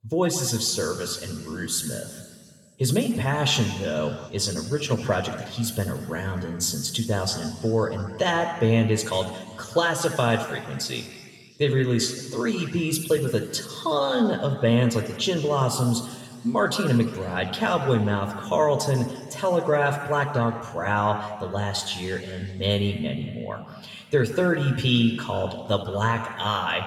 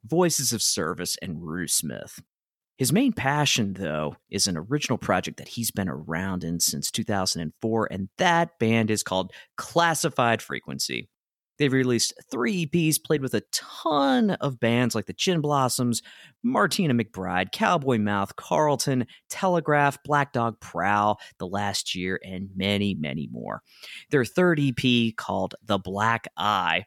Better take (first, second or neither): second